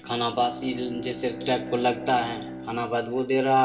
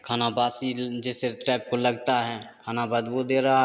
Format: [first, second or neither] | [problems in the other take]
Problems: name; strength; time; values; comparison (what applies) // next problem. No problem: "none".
second | background sound (Bowed string instrument); 12 dB below the speech // room echo; dies away in 0.2 s